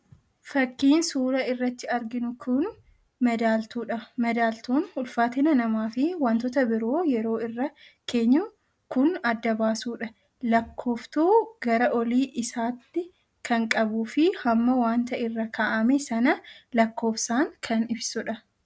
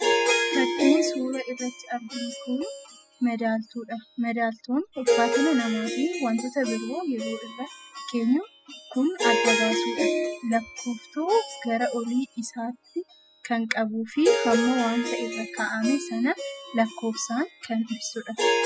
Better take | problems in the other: first | noise reduction (classical method spectral subtraction)

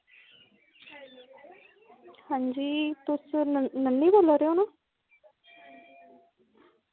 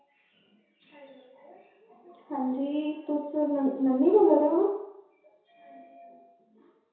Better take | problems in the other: first | room echo; dies away in 0.7 s

